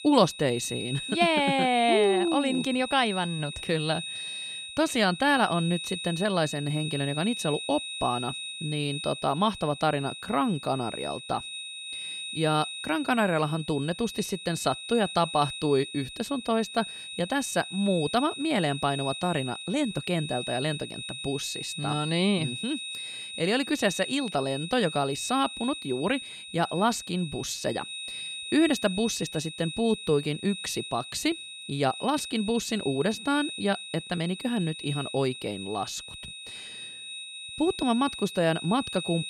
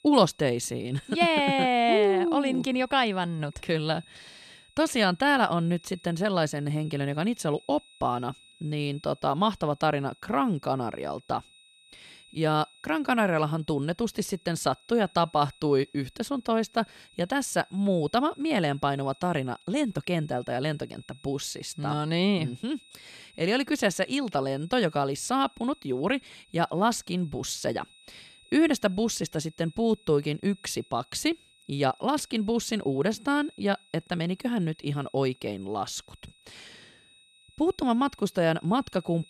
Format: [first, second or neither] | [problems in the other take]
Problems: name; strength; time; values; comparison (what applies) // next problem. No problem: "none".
second | high-pitched whine; loud; throughout; 4 kHz, 8 dB below the speech; faint in the second